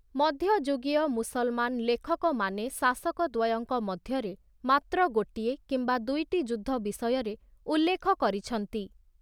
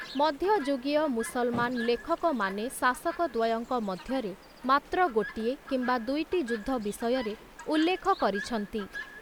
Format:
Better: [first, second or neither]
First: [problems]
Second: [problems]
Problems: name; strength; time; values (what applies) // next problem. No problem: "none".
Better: first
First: none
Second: background sound (Chirp, tweet); 15 dB below the speech